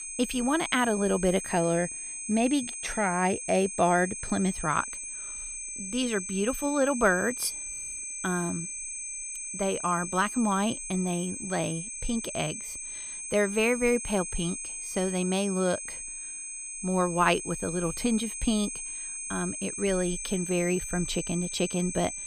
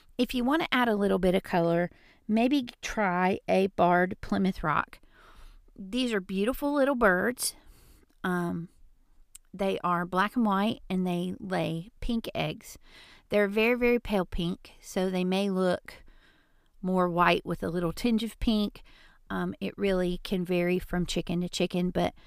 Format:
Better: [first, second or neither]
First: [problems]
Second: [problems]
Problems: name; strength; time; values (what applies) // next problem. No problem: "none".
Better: second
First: high-pitched whine; loud; throughout; 8 kHz, 6 dB below the speech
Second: none